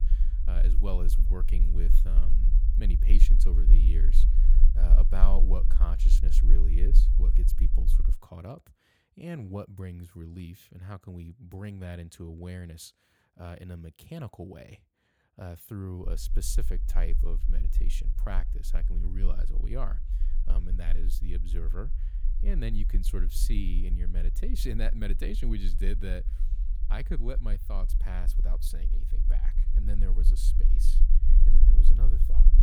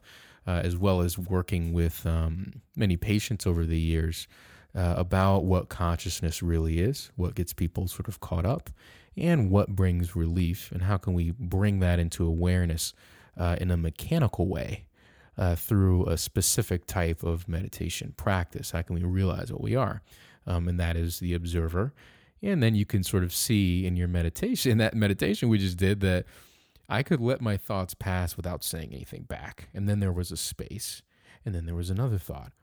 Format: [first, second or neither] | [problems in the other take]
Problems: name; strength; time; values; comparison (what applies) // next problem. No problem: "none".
second | low rumble; loud; until 8 s and from 16 s on; 8 dB below the speech